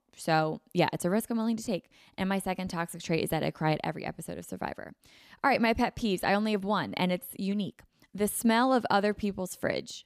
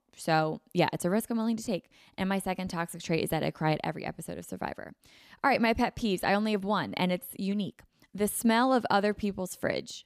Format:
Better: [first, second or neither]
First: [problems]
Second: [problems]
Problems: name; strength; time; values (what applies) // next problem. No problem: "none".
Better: neither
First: none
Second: none